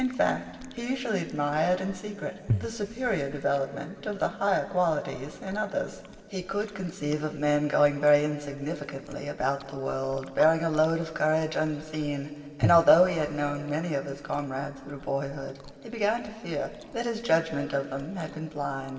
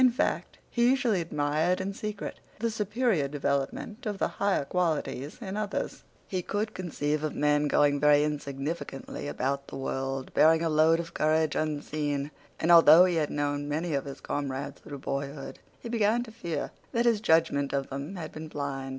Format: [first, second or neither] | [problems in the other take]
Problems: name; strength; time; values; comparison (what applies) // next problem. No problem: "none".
second | background sound (Chewing, mastication); 14 dB below the speech // room echo; dies away in 2.4 s